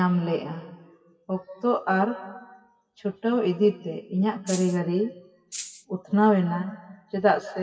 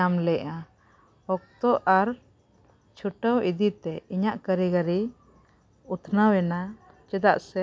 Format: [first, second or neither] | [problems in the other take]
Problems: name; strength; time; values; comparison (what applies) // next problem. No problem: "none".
second | noise reduction (classical method WPE with log-MMSE)